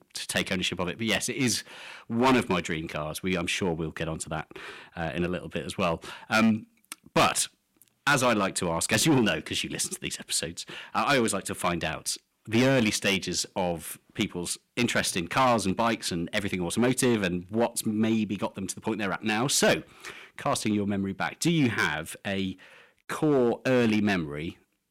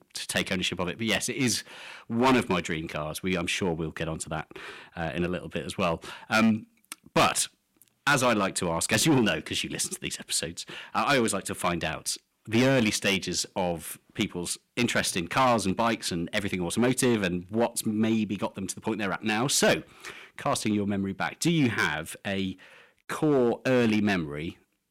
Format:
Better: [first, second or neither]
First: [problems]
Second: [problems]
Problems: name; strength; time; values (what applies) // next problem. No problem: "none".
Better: neither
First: distortion; heavy; 4% of the sound clipped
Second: distortion; heavy; 4% of the sound clipped